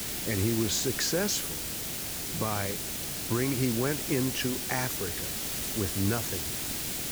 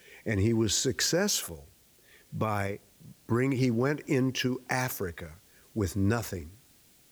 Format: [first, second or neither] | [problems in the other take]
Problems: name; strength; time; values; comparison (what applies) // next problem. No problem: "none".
second | hiss; loud; throughout; 1 dB below the speech; faint in the second